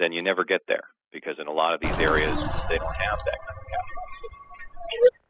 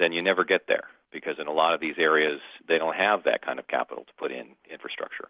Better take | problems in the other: second | noise reduction (classical method spectral subtraction)

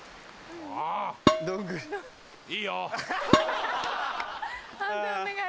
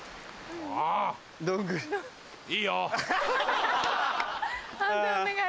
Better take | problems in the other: second | background sound (Dishes, pots, and pans); 4 dB above the speech

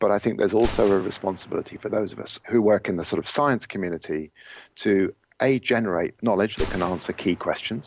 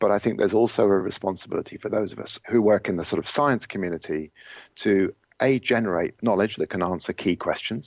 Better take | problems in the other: second | background sound (Gunshot, gunfire); 16 dB below the speech

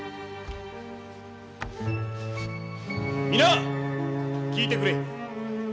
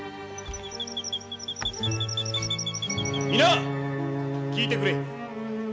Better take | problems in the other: first | background sound (Chirp, tweet); 5 dB below the speech

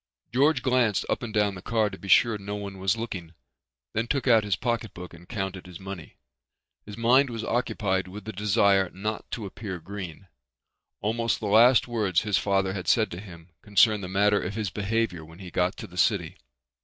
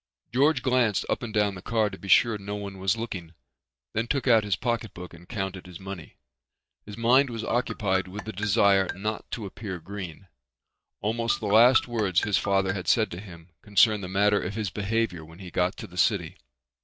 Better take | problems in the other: first | background sound (Marimba, xylophone); 10 dB below the speech

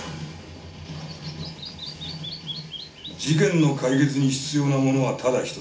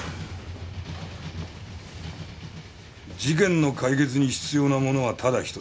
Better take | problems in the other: second | background sound (Bird vocalization, bird call, bird song); 17 dB below the speech // room echo; dies away in 0.4 s

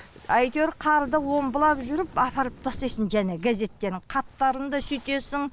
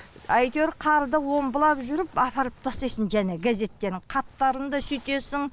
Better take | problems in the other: second | background sound (Wind instrument, woodwind instrument); 19 dB below the speech

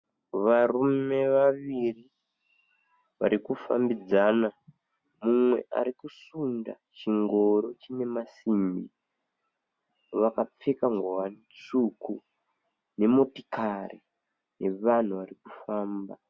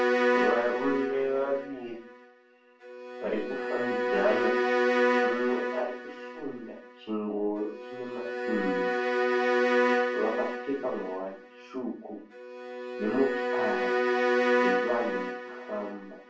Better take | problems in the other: first | background sound (Bowed string instrument); 4 dB above the speech // room echo; dies away in 0.3 s

